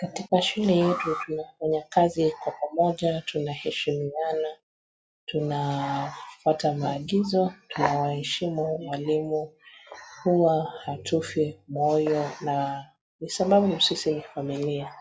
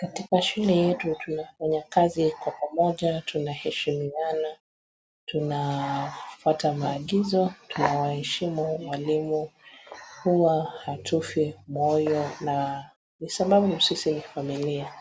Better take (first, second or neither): second